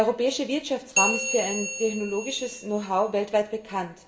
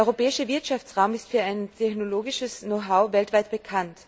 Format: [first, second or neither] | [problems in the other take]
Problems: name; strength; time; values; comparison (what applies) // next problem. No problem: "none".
second | background sound (Bell); 4 dB below the speech // room echo; dies away in 0.6 s